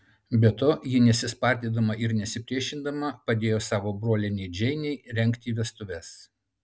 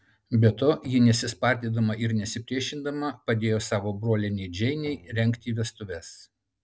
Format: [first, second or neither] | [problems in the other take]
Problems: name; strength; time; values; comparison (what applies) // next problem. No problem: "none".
first | noise reduction (neural separator model SepFormer DNS4)